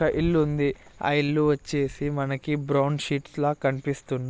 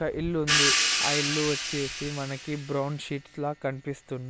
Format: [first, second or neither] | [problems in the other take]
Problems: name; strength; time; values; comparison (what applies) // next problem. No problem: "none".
first | background sound (Crash cymbal / Hi-hat); 1 dB above the speech